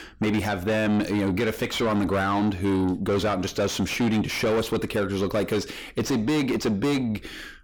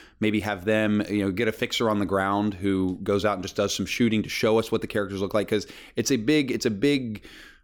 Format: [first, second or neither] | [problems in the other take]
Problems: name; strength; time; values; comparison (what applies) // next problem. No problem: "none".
second | distortion; heavy; 7 dB below the speech